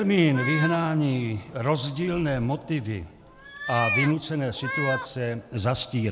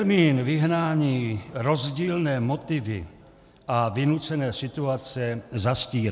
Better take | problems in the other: second | background sound (Meow); 9 dB below the speech

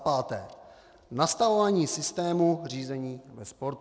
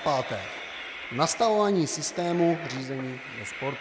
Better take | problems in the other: first | background sound (Train); 12 dB below the speech

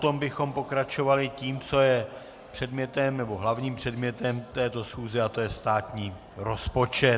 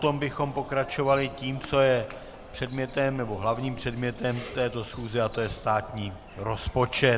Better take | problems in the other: first | background sound (Bird vocalization, bird call, bird song); 18 dB below the speech

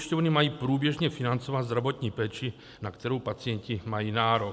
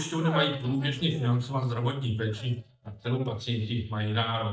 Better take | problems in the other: first | noise reduction (neural mask model DeepFilterNet 3)

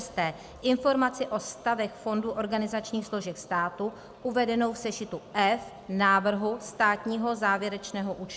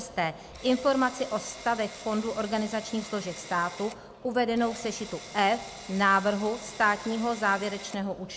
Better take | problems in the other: first | background sound (Drill); 16 dB below the speech

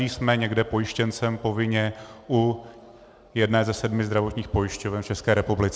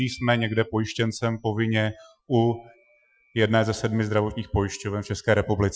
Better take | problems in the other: first | noise reduction (classical method Wiener filter)

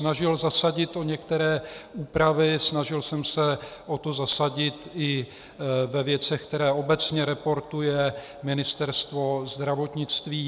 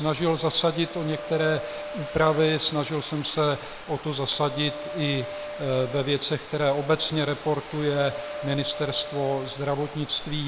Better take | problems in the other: first | background sound (Wind instrument, woodwind instrument + Bathtub (filling or washing)); 11 dB below the speech

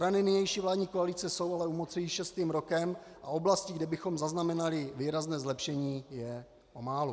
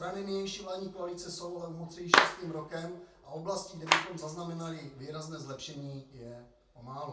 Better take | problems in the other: first | background sound (Clapping); 4 dB above the speech // room echo; dies away in 0.3 s

